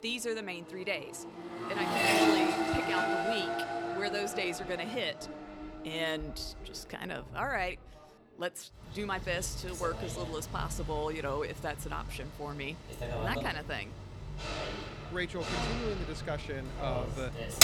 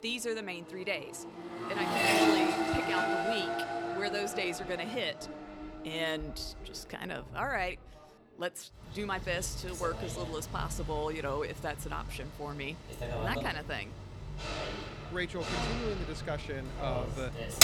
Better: neither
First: traffic noise; very loud; throughout; 2 dB above the speech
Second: traffic noise; very loud; throughout; 2 dB above the speech

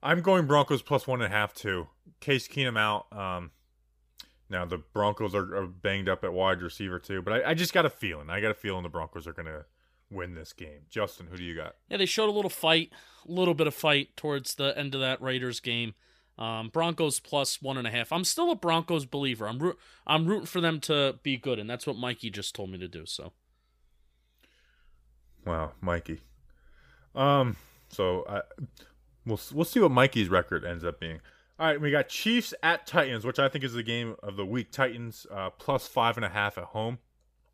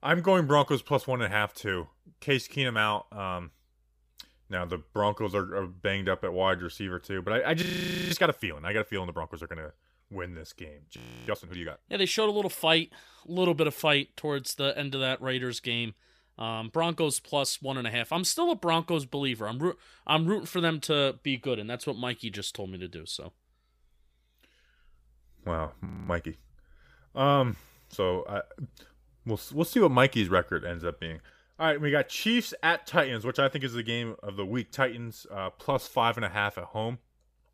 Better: first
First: none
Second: audio freezing; at 7.5 s, at 11 s and at 26 s

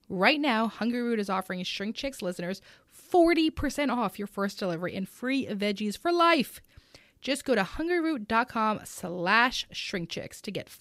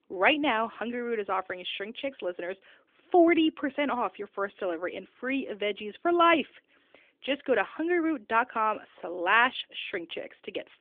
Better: first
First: none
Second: phone-call audio; nothing above 3.5 kHz

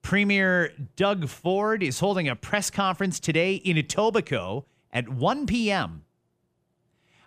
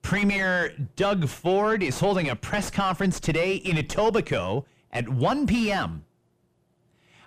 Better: first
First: none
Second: distortion; heavy; 3 dB below the speech

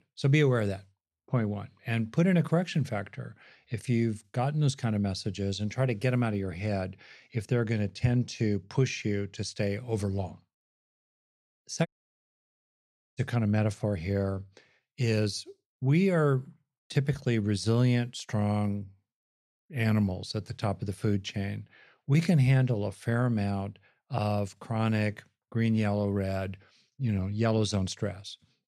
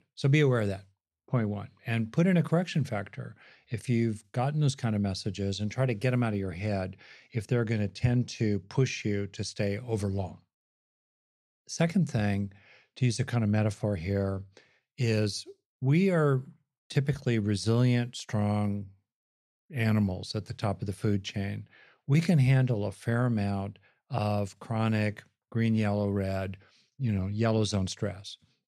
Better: second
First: audio cutting out; at 12 s for 1.5 s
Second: none

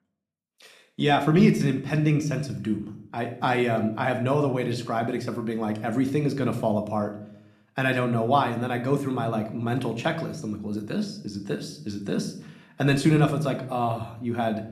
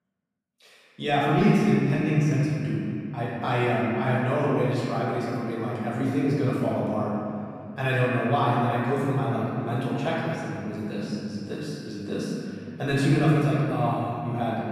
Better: first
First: room echo; slight; dies away in 0.6 s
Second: room echo; strong; dies away in 2.6 s // off-mic speech; far

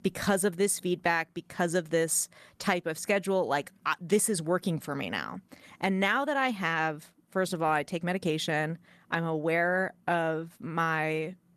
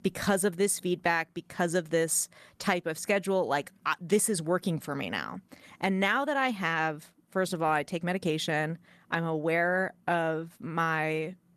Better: neither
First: garbled, watery; slightly; nothing above 13.5 kHz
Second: garbled, watery; slightly; nothing above 13.5 kHz

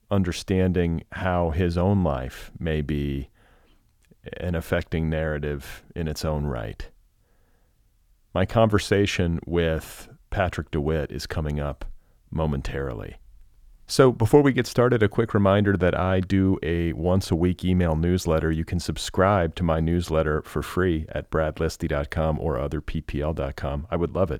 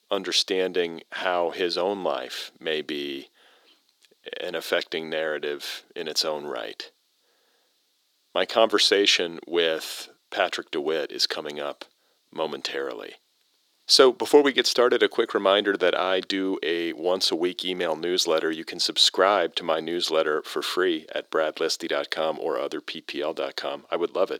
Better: first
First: none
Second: thin; somewhat; fading below 350 Hz

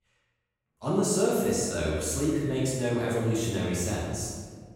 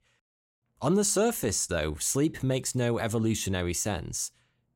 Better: second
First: room echo; strong; dies away in 1.5 s // off-mic speech; far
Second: none

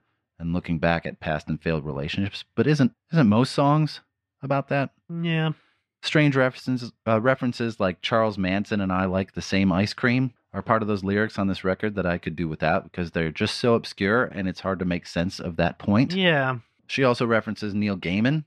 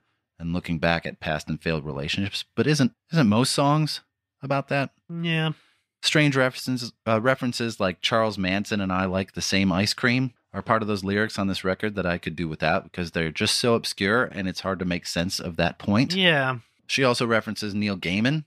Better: second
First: muffled; very slightly; fading above 2 kHz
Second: none

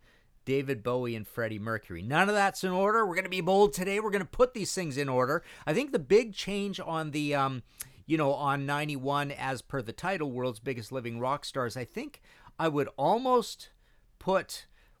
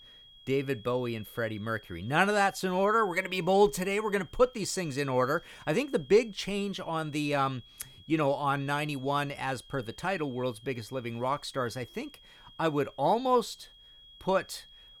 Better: first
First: none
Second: high-pitched whine; faint; throughout; 3.5 kHz, 25 dB below the speech

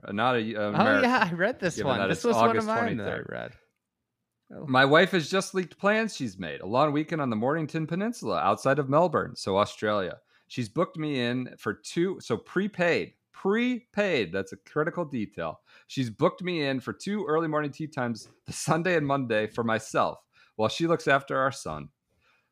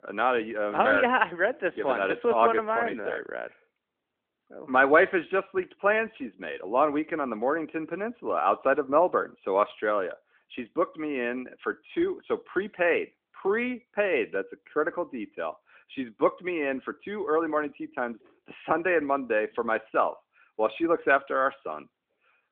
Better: first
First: none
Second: phone-call audio

